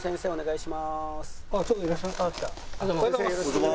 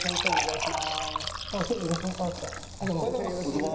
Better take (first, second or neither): first